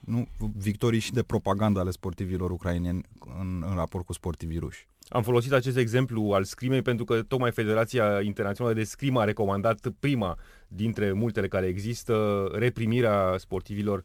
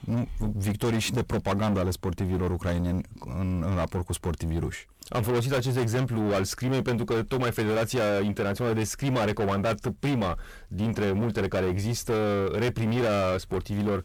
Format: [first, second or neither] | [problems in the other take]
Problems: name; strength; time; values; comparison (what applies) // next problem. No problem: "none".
first | distortion; heavy; 7 dB below the speech